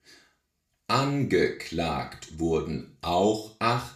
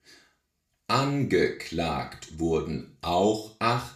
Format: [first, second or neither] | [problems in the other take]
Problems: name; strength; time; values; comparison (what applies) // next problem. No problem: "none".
neither | room echo; slight; dies away in 0.4 s; the same in both // off-mic speech; somewhat distant; the same in both